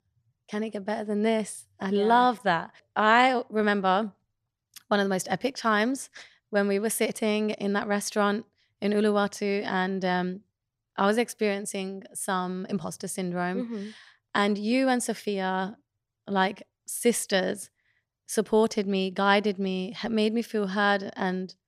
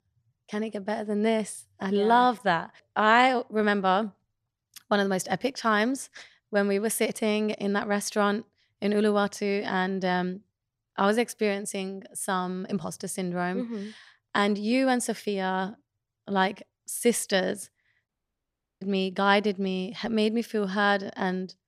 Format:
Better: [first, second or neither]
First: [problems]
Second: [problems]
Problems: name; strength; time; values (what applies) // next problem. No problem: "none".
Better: first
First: none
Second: audio cutting out; at 18 s for 0.5 s